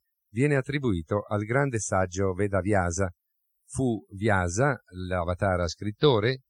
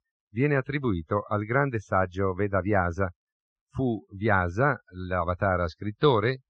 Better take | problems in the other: first | muffled; very; fading above 3.5 kHz

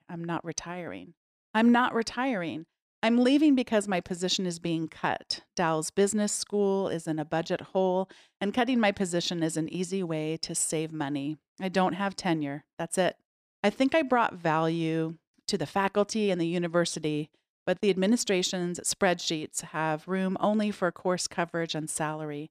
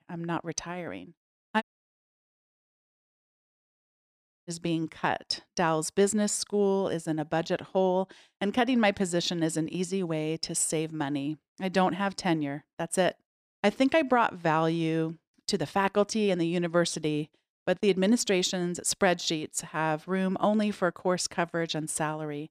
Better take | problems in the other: first | audio cutting out; at 1.5 s for 3 s

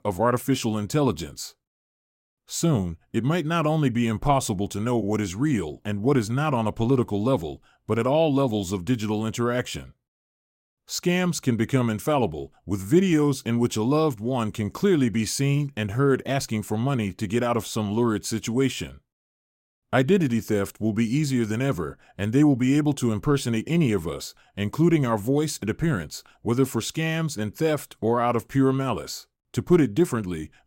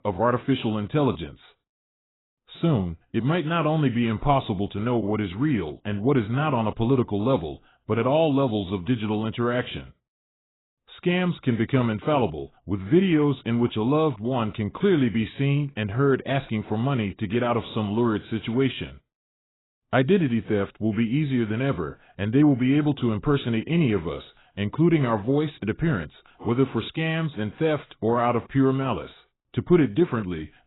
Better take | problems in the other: first | garbled, watery; badly; nothing above 4 kHz

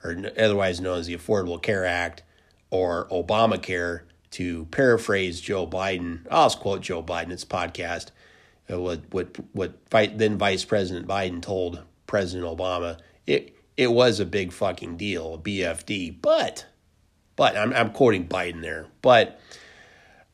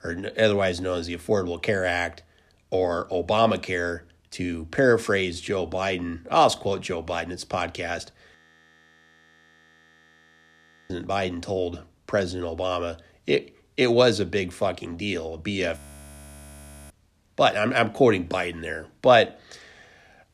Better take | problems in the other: first | audio freezing; at 8.5 s for 2.5 s and at 16 s for 1 s

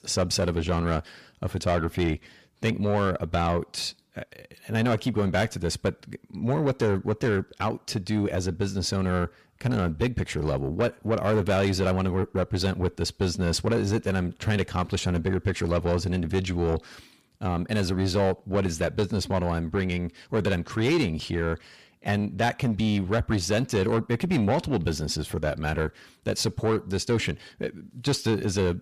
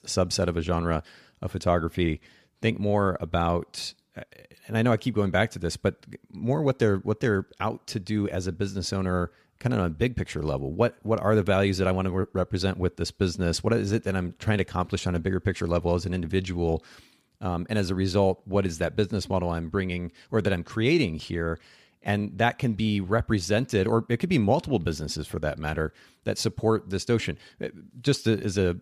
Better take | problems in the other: second | distortion; slight; 10 dB below the speech

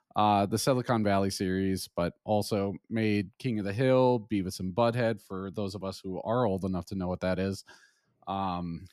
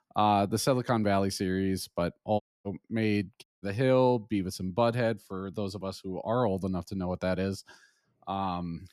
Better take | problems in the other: first | audio cutting out; at 2.5 s and at 3.5 s

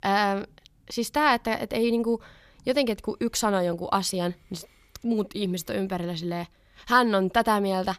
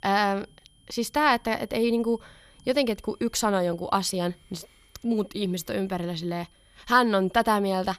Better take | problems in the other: first | high-pitched whine; faint; throughout; 3 kHz, 35 dB below the speech

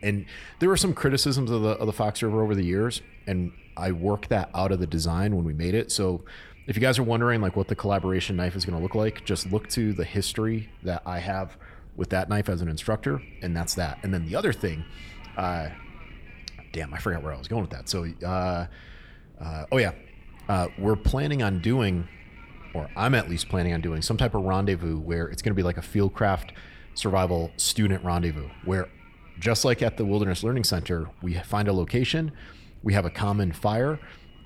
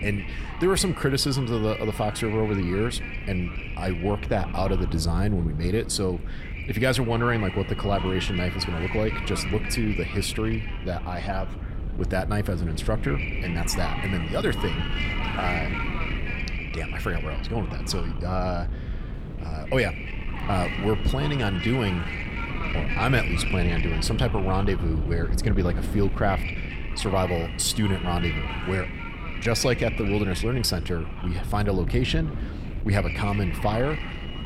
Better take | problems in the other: first | wind noise on the microphone; heavy; 5 dB below the speech; occasional gusts in the first

